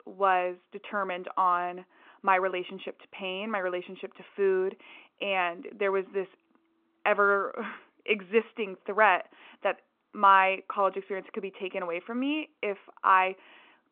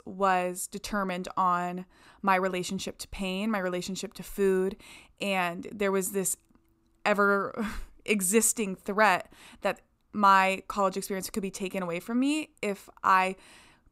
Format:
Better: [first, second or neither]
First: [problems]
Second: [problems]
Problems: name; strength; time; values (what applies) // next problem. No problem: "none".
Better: second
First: phone-call audio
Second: none